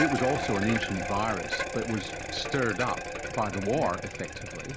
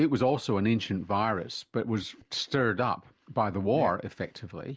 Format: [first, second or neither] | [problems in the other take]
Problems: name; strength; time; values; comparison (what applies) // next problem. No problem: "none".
second | background sound (Bicycle); 3 dB below the speech